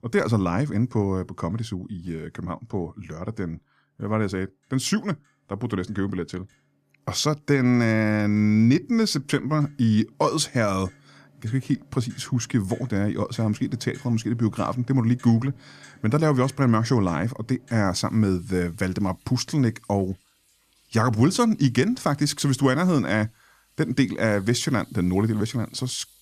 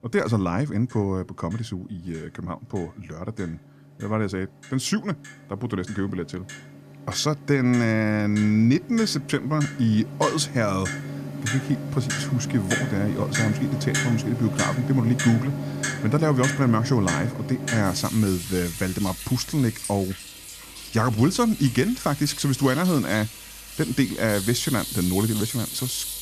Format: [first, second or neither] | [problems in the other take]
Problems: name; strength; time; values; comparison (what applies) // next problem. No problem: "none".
first | household noises; loud; throughout; 6 dB below the speech; faint in the first